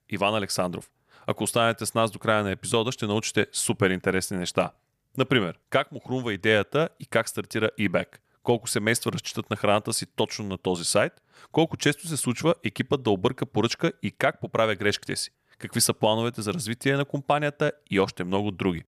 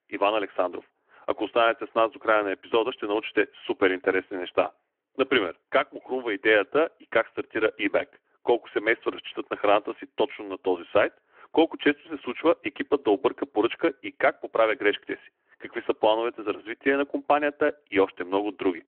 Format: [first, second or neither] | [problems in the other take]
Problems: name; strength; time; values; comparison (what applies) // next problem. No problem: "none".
first | phone-call audio